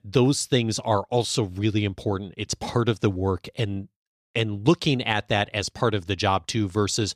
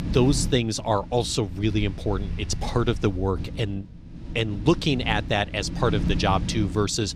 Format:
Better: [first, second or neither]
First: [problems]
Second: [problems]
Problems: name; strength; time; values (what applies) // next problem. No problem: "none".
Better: first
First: none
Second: wind noise on the microphone; occasional gusts; 15 dB below the speech